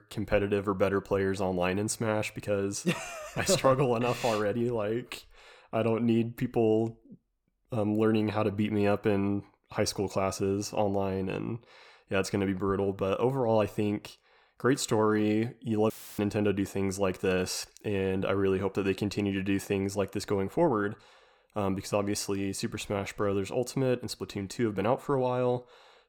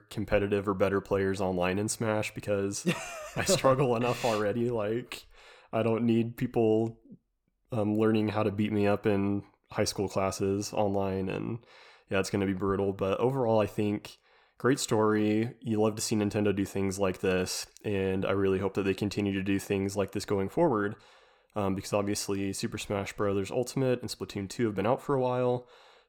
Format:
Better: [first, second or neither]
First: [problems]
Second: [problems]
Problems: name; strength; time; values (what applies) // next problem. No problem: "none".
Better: second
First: audio cutting out; filled with static; at 16 s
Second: none